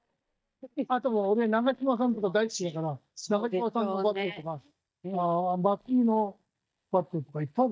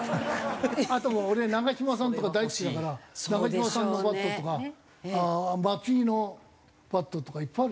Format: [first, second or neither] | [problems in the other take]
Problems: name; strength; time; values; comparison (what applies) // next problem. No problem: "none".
second | noise reduction (neural mask model DeepFilterNet 3)